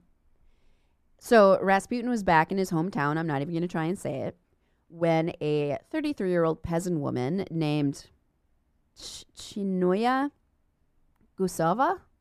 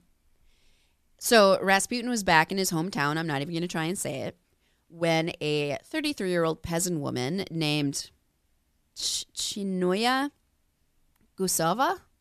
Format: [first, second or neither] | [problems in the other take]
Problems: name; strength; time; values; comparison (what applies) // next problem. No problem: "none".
second | muffled; slightly; fading above 2 kHz